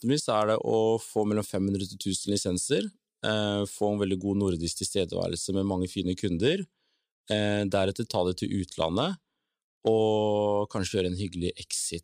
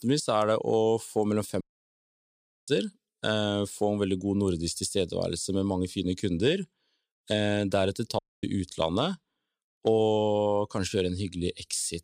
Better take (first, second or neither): first